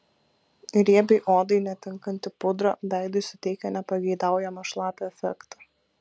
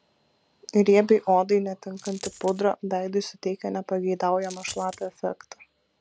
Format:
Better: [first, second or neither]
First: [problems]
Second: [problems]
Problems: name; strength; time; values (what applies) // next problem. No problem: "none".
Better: first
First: none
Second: background sound (Coin (dropping)); 18 dB below the speech